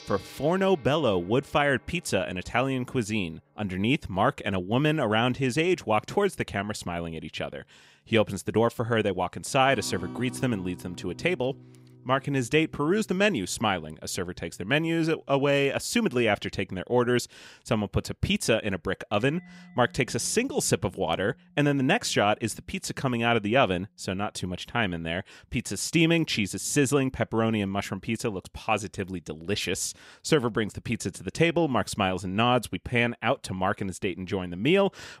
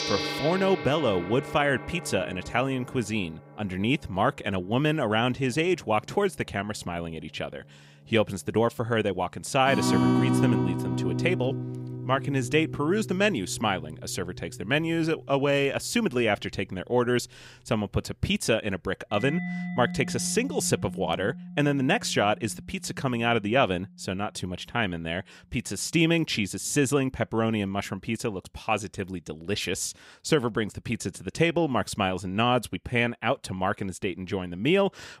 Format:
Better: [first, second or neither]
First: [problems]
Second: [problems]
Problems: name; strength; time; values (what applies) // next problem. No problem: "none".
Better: first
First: background music; faint; throughout; 20 dB below the speech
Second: background music; loud; throughout; 5 dB below the speech